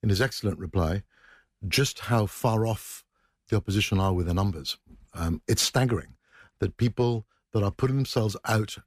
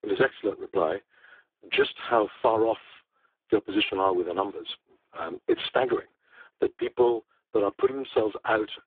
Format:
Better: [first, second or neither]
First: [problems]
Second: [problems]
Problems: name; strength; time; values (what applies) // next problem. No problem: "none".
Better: first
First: none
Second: phone-call audio; poor line